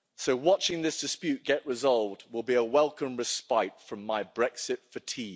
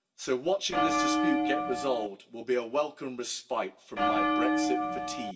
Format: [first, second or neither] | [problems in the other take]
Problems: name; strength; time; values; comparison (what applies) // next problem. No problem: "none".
first | background sound (Bell); 5 dB above the speech // room echo; dies away in 0.2 s